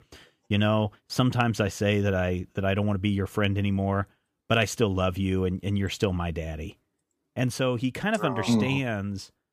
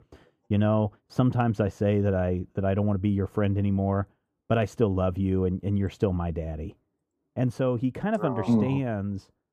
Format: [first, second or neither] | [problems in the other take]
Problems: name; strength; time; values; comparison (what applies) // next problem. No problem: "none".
first | muffled; slightly; fading above 1.5 kHz